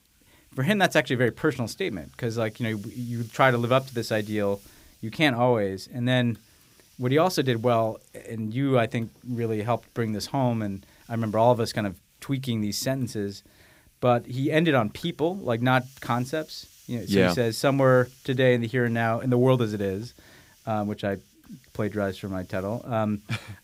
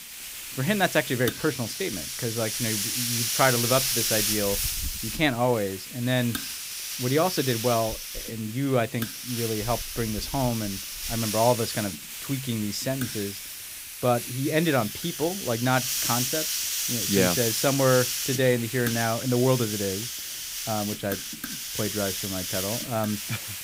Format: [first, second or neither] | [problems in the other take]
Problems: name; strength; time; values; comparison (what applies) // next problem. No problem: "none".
first | hiss; loud; throughout; 2 dB below the speech; faint in the first